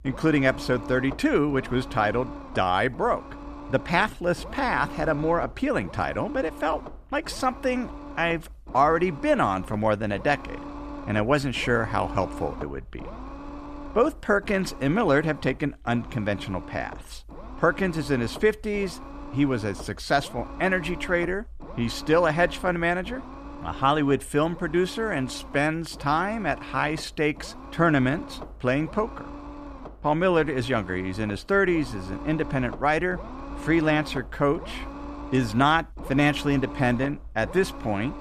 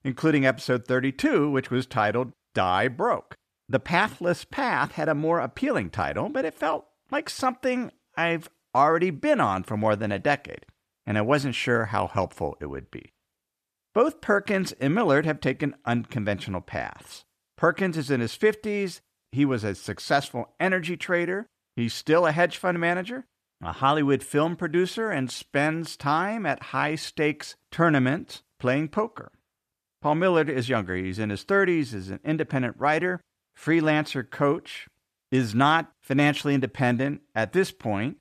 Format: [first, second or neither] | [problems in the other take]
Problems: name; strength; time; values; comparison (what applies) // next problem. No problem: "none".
second | low rumble; noticeable; throughout; 15 dB below the speech